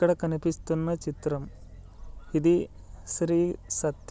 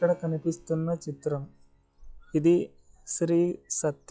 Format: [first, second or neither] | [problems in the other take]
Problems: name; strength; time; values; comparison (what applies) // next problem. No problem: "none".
first | noise reduction (classical method log-MMSE)